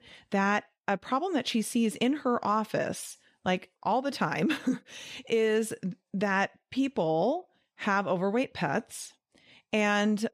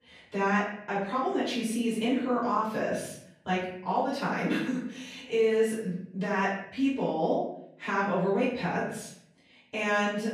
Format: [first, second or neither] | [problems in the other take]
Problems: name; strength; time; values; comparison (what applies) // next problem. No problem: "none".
first | off-mic speech; far // room echo; noticeable; dies away in 0.6 s